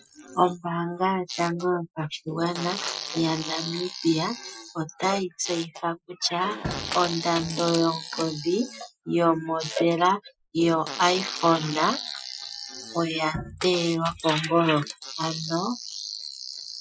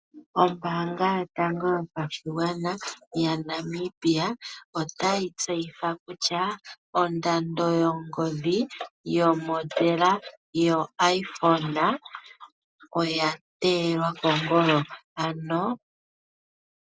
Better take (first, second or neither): second